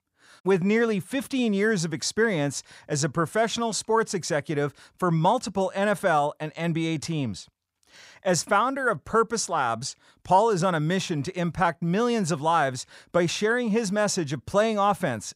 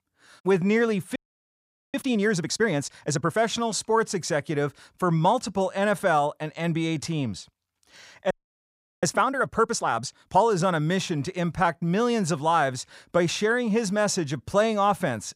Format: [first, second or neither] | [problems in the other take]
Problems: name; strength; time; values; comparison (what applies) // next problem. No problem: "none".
first | audio freezing; at 1 s for 1 s and at 8.5 s for 0.5 s